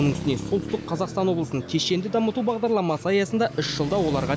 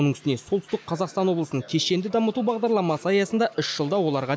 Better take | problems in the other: second | background sound (Traffic noise, roadway noise); 10 dB below the speech

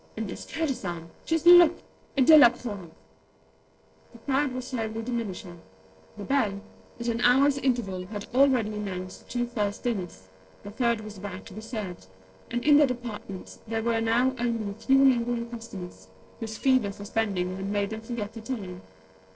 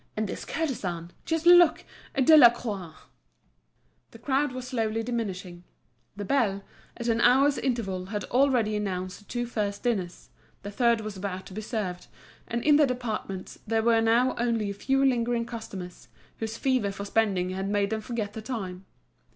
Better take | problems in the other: second | noise reduction (neural separator model SepFormer DNS4)

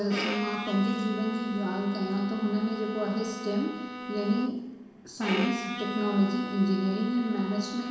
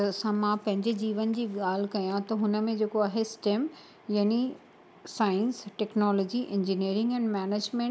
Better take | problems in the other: second | background sound (Bowed string instrument); 8 dB below the speech // room echo; dies away in 1.1 s

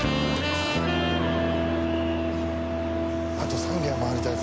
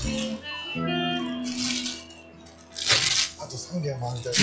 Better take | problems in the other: first | noise reduction (classical method log-MMSE)

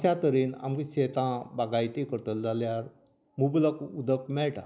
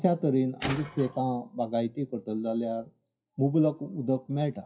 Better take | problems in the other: first | noise reduction (classical method WPE with log-MMSE)

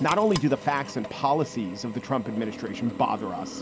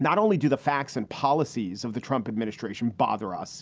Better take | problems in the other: second | background sound (Drill); 12 dB below the speech

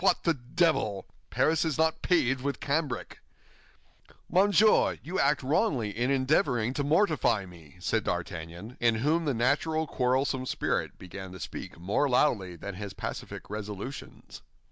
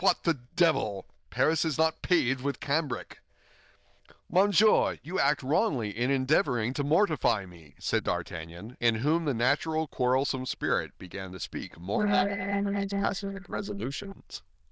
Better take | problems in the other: first | noise reduction (neural diffusion model UNIVERSE++)

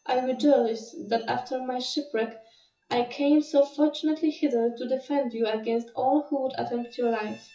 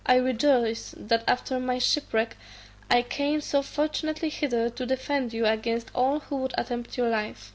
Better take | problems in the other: second | noise reduction (classical method WPE with log-MMSE)

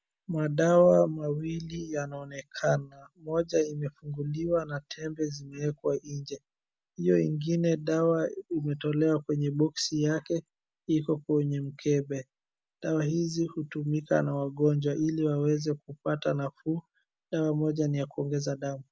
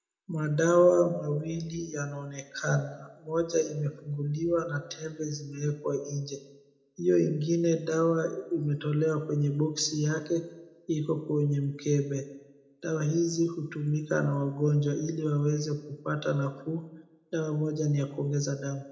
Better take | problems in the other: first | room echo; dies away in 0.5 s

